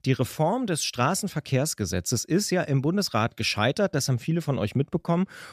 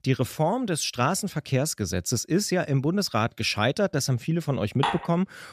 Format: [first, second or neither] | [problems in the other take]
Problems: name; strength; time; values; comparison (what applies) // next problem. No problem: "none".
first | clattering dishes; noticeable; at 5 s; peak 3 dB below the speech